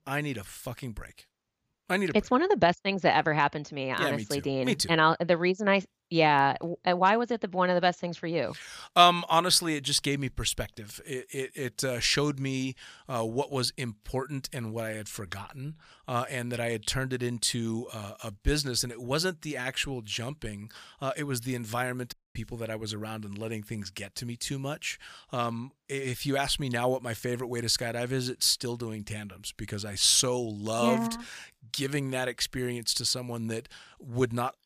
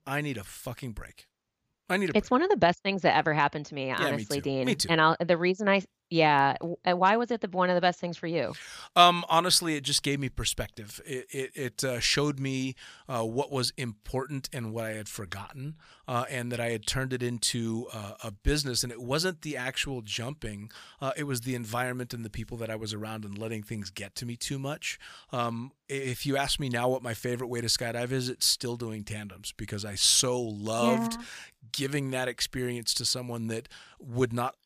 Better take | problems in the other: second | audio cutting out; at 22 s

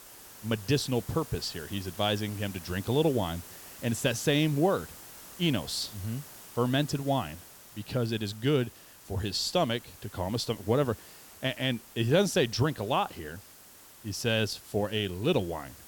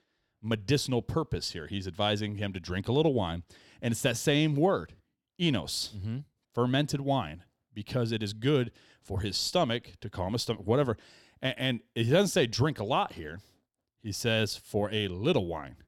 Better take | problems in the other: second | hiss; noticeable; throughout; 15 dB below the speech

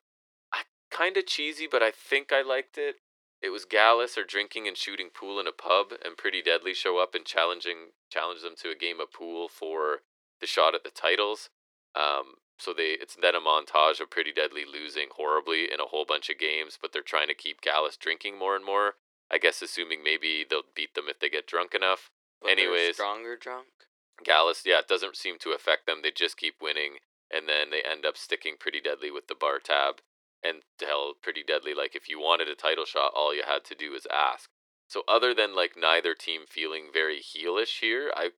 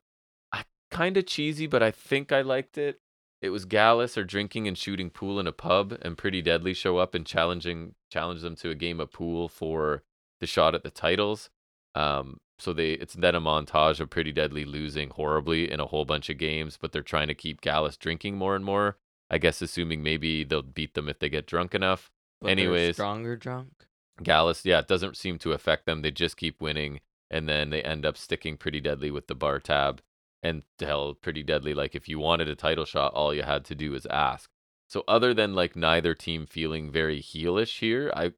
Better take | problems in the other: second | thin; very; fading below 350 Hz

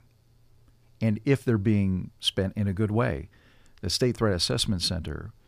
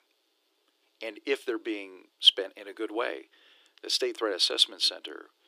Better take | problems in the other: first | thin; very; fading below 300 Hz

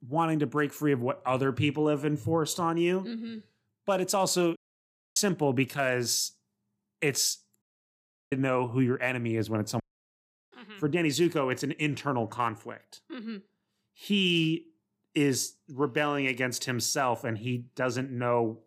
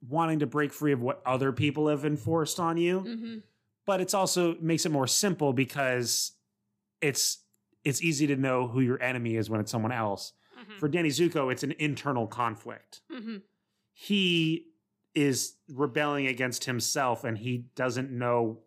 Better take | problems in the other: second | audio cutting out; at 4.5 s for 0.5 s, at 7.5 s for 0.5 s and at 10 s for 0.5 s

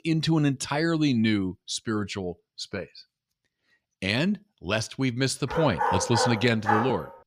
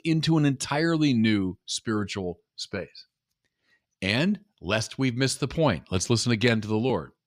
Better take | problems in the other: second | dog barking; loud; from 5.5 s on; peak level with the speech

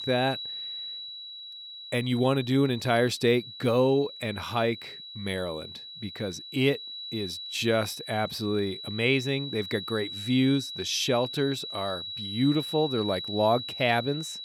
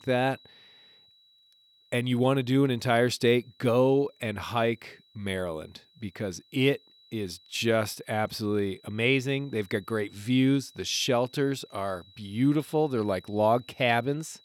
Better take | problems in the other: second | high-pitched whine; loud; throughout; 4 kHz, 9 dB below the speech; faint in the second

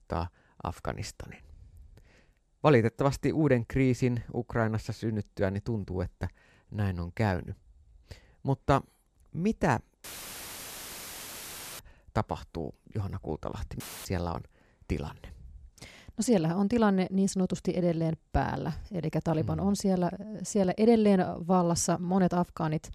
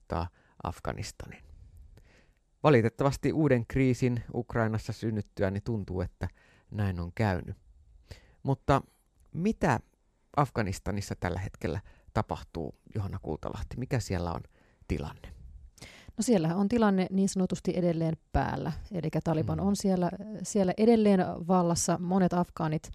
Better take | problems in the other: second | audio cutting out; filled with static; at 10 s for 2 s and at 14 s

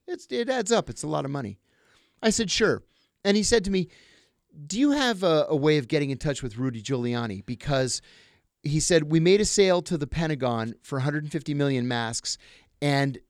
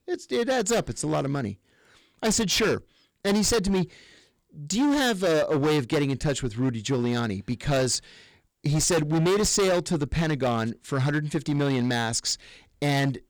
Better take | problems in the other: first | distortion; heavy; 14% of the sound clipped

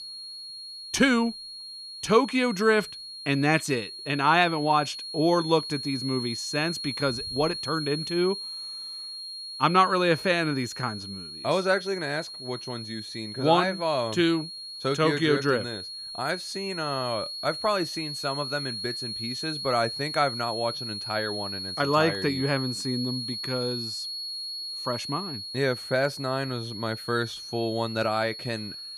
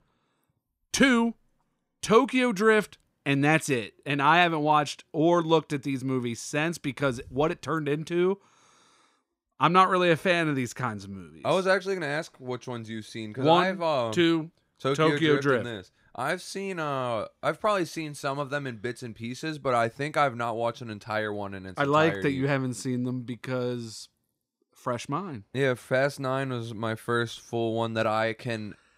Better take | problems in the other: second | high-pitched whine; loud; throughout; 4.5 kHz, 7 dB below the speech

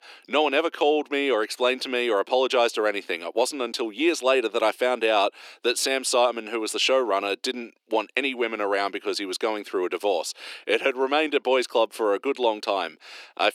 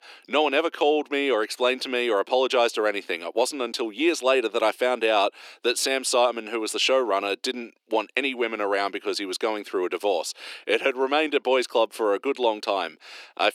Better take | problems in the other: neither | thin; very; fading below 300 Hz; the same in both

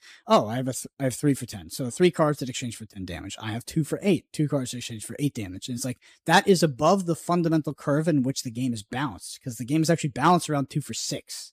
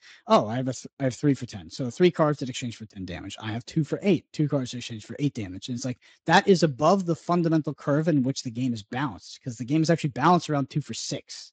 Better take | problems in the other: first | garbled, watery; slightly; nothing above 7.5 kHz

